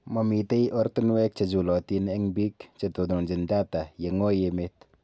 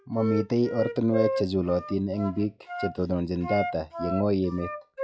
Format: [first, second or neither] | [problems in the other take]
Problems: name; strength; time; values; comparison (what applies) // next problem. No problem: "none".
first | noise reduction (classical method log-MMSE)